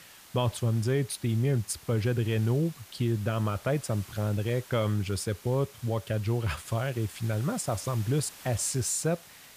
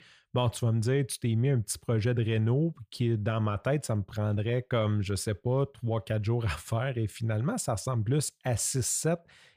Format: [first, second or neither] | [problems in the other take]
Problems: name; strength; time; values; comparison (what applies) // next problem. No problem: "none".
second | hiss; noticeable; throughout; 20 dB below the speech